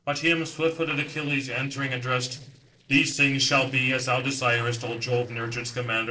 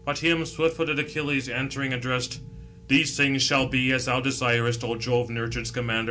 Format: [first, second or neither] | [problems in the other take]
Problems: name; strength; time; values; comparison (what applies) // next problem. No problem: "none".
second | noise reduction (neural separator model SepFormer DNS4)